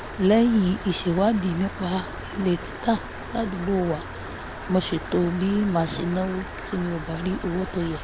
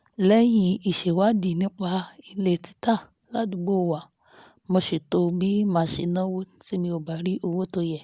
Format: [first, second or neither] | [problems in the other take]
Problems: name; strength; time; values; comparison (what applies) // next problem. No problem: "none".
second | background sound (Stream); 10 dB below the speech